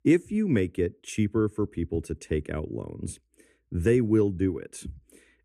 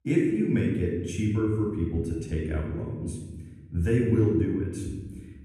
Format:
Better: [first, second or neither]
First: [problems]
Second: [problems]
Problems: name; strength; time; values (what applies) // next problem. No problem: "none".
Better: first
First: none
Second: off-mic speech; far // room echo; noticeable; dies away in 1.3 s